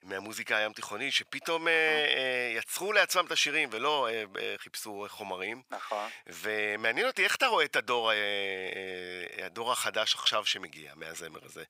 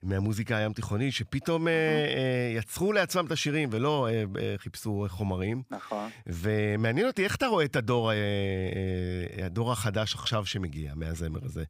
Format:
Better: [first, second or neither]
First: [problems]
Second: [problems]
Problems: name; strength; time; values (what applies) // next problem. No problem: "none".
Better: second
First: thin; very; fading below 650 Hz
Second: none